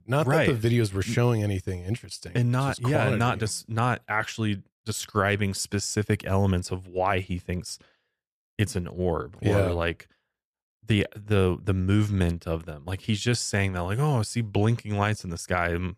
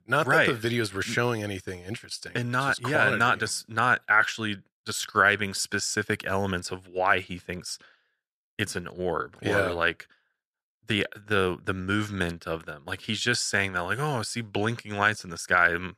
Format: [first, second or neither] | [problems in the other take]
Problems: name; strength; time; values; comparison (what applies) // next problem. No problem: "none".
first | thin; somewhat; fading below 300 Hz